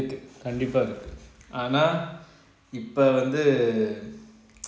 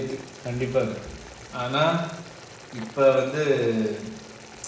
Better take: first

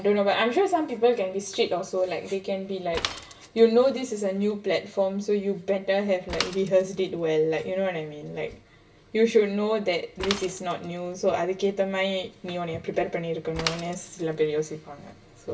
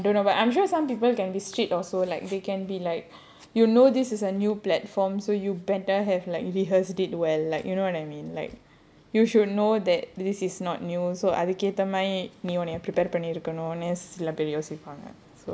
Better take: second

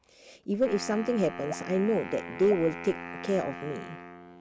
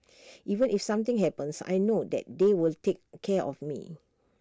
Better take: second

